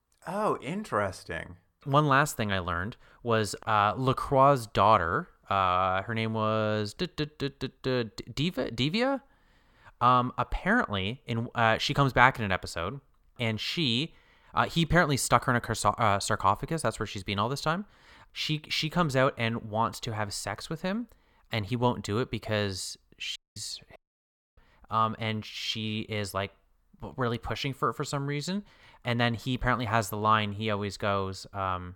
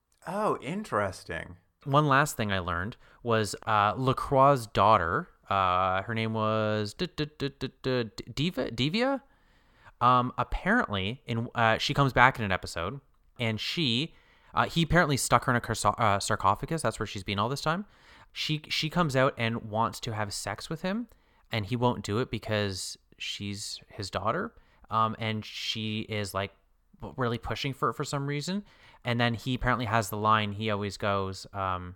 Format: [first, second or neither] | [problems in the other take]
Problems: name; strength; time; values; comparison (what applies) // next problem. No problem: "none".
second | audio cutting out; at 23 s and at 24 s for 0.5 s